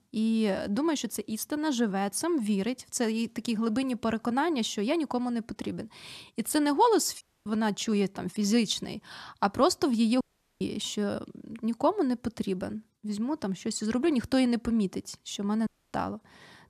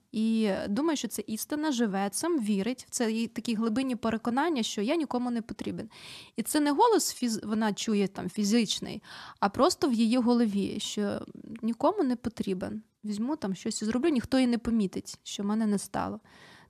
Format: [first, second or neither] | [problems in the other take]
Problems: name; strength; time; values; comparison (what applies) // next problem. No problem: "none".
second | audio cutting out; at 7 s, at 10 s and at 16 s